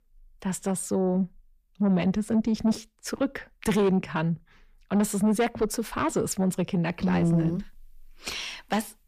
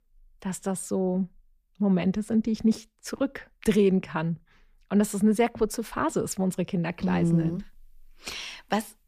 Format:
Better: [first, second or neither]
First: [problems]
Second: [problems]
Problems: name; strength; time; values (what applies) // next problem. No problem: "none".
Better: second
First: distortion; slight; 10 dB below the speech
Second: none